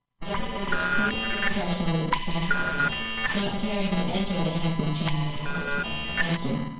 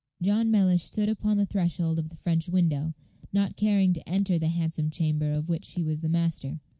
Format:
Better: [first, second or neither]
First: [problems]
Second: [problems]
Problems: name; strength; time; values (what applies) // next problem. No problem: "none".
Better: second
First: noise reduction (neural separator model SepFormer WHAMR!)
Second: none